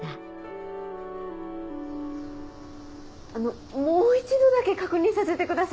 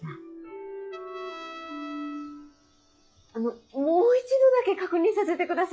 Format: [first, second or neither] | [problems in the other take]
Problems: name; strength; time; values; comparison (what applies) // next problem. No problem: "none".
first | noise reduction (classical method log-MMSE)